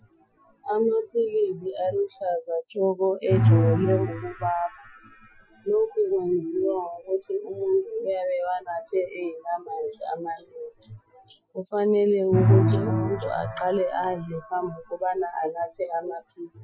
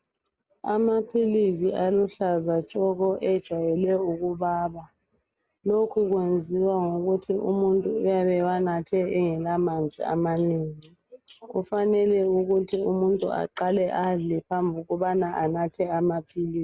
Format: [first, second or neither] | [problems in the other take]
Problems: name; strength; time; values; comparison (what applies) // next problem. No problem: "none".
second | noise reduction (classical method Wiener filter)